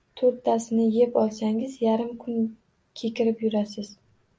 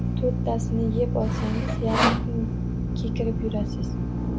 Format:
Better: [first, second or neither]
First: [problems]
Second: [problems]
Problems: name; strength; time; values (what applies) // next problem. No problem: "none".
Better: first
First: none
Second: background sound (Sawing + Drill); 5 dB above the speech